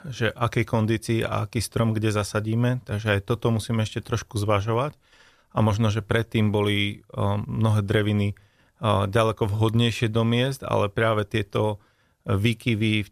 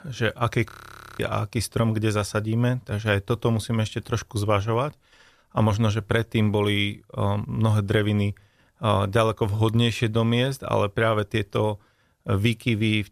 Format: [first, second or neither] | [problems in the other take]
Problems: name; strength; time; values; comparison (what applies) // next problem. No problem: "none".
first | audio freezing; at 0.5 s for 0.5 s